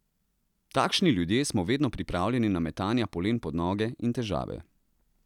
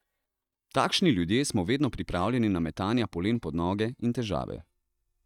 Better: first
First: none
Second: noise reduction (neural mask model DeepFilterNet 3)

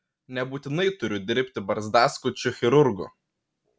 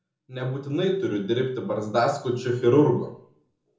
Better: first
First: none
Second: room echo; dies away in 0.6 s

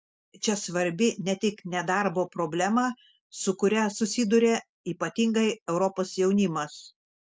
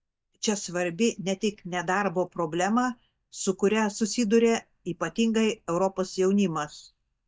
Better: first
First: none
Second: noise reduction (neural mask model DeepFilterNet 3)

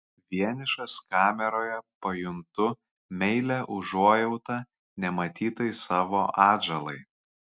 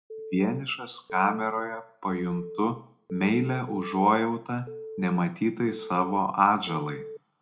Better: first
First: none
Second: background sound (Telephone); 13 dB below the speech // room echo; dies away in 0.3 s

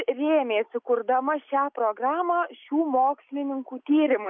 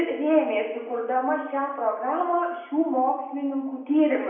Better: first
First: none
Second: room echo; dies away in 0.9 s

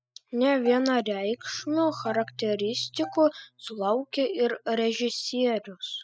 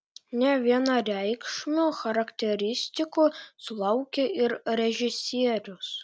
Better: second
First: noise reduction (classical method spectral subtraction)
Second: none

